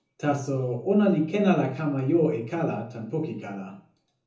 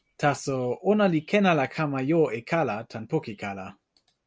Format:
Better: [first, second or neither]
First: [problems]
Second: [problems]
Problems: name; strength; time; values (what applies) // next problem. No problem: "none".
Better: second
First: room echo; dies away in 0.6 s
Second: none